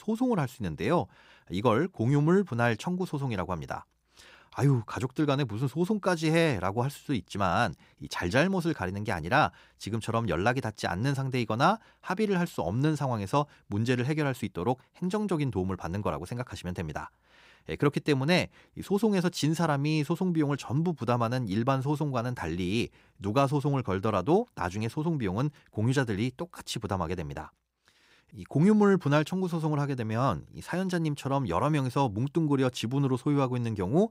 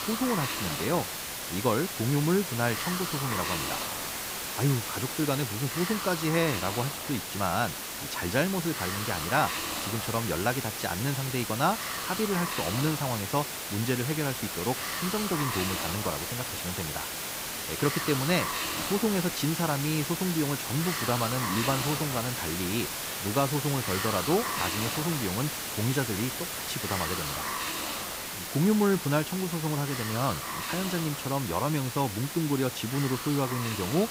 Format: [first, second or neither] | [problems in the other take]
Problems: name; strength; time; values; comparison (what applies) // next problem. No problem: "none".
first | hiss; loud; throughout; 2 dB below the speech